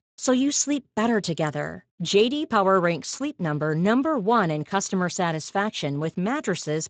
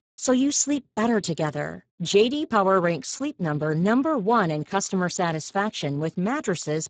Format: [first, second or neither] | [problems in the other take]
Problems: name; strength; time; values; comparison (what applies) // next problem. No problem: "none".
first | garbled, watery; badly; nothing above 7.5 kHz; slightly in the first